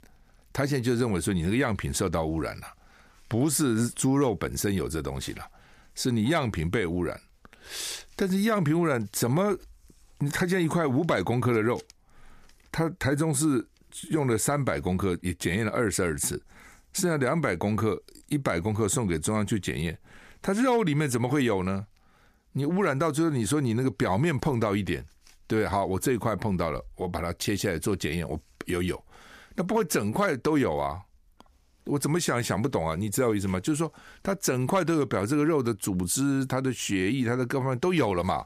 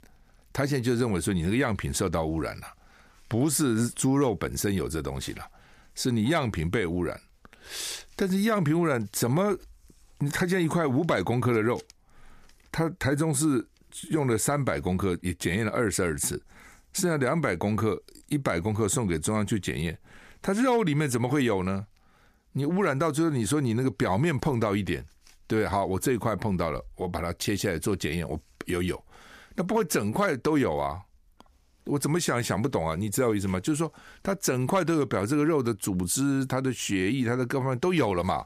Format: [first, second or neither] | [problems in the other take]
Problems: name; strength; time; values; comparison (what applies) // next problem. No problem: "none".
neither | none